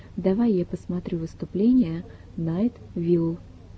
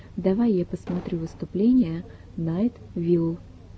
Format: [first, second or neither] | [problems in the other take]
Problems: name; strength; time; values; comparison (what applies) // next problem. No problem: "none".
first | background sound (Explosion); 17 dB below the speech